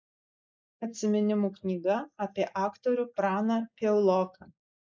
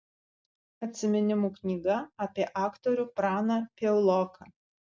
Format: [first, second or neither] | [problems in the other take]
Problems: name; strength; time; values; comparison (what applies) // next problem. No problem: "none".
second | noise reduction (neural mask model Resemble Enhance denoiser)